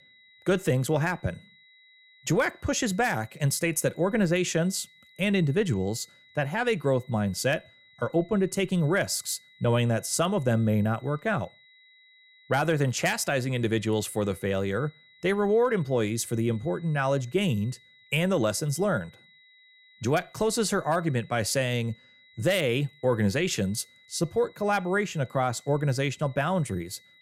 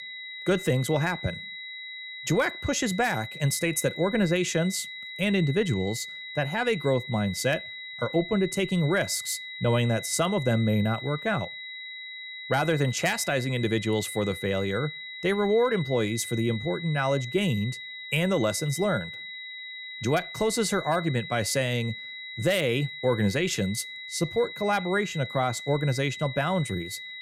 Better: first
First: high-pitched whine; faint; throughout; 2 kHz, 30 dB below the speech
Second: high-pitched whine; loud; throughout; 2 kHz, 10 dB below the speech

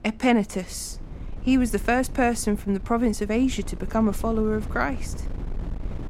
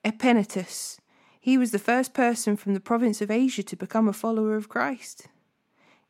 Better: second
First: wind noise on the microphone; occasional gusts; 20 dB below the speech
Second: none

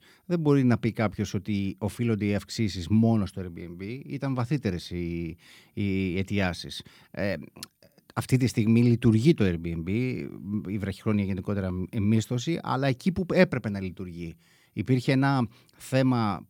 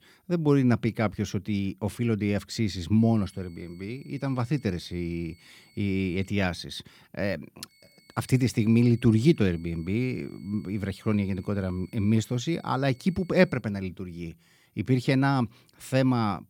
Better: first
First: none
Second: high-pitched whine; faint; from 3 to 6.5 s and from 7.5 to 14 s; 2 kHz, 30 dB below the speech

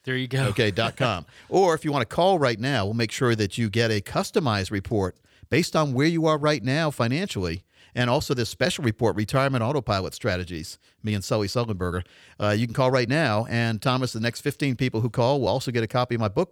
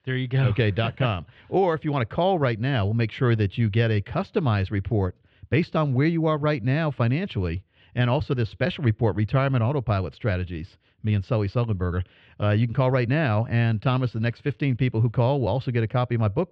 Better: first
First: none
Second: muffled; slightly; fading above 3 kHz

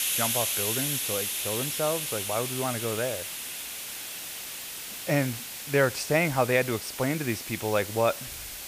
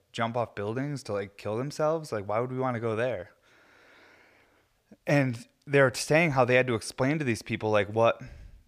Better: second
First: hiss; loud; throughout; 2 dB below the speech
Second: none

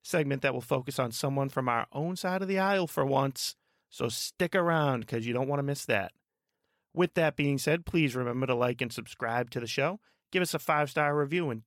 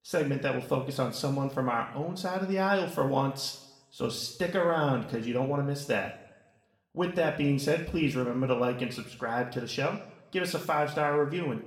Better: first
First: none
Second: room echo; slight; dies away in 0.7 s // off-mic speech; somewhat distant

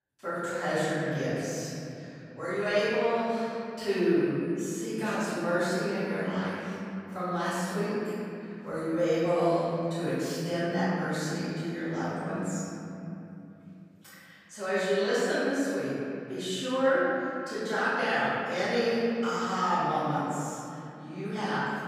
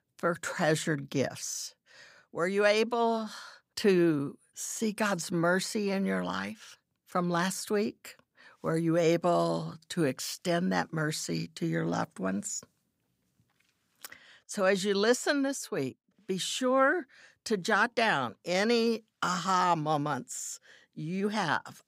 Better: second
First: off-mic speech; far // room echo; strong; dies away in 3 s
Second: none

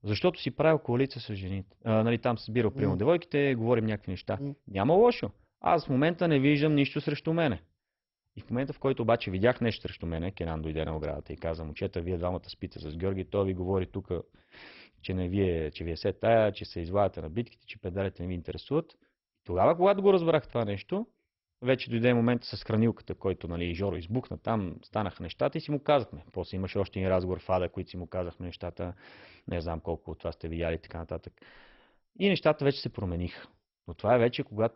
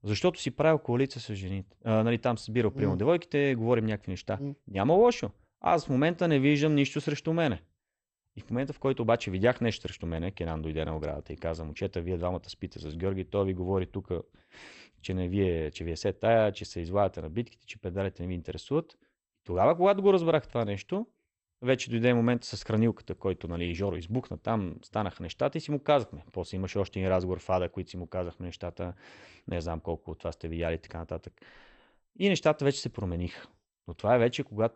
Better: second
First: garbled, watery; badly; nothing above 5.5 kHz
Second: garbled, watery; slightly; nothing above 8 kHz

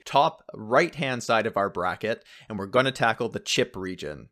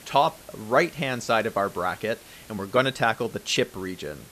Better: first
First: none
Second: hiss; faint; throughout; 20 dB below the speech

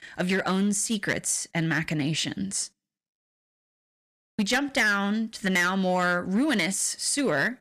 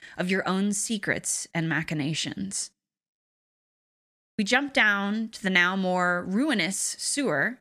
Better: second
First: distortion; slight; 5% of the sound clipped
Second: none

